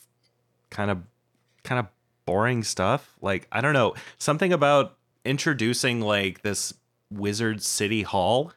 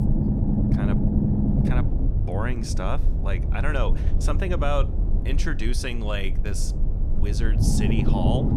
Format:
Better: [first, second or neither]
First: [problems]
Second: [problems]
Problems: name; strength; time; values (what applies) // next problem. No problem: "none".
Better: first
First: none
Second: low rumble; loud; throughout; 3 dB below the speech